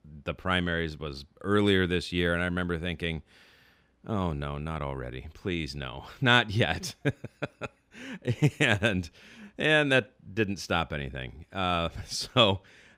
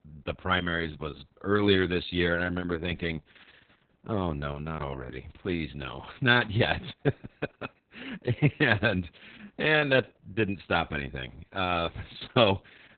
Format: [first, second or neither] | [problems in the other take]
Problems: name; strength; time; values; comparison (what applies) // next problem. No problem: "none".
first | garbled, watery; badly; nothing above 4 kHz